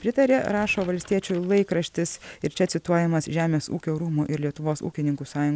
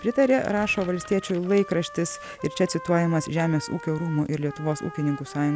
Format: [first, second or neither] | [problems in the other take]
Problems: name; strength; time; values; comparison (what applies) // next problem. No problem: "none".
first | background sound (Trumpet); 16 dB below the speech